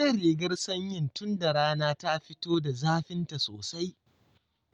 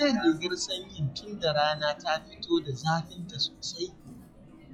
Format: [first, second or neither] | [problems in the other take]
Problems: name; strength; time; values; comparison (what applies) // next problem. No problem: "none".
first | noise reduction (classical method log-MMSE)